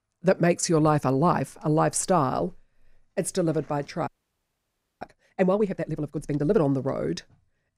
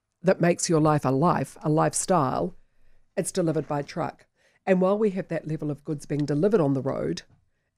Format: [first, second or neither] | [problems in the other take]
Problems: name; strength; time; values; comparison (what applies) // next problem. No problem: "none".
second | audio freezing; at 4 s for 1 s